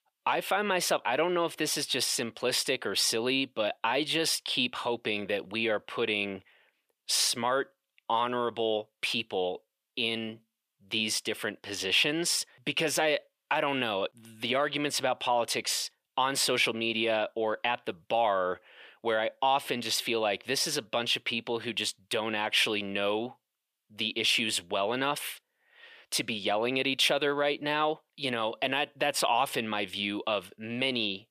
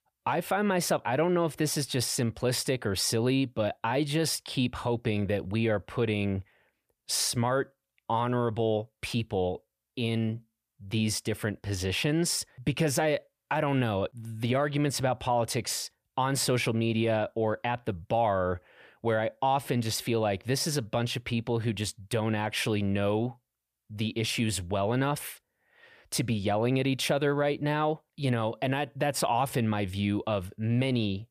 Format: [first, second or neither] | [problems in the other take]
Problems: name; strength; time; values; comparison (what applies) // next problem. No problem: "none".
second | thin; somewhat; fading below 300 Hz